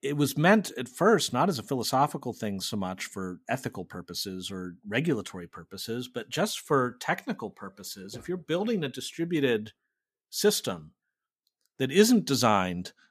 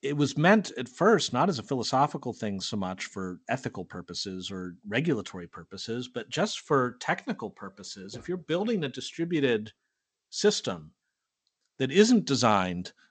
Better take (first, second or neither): first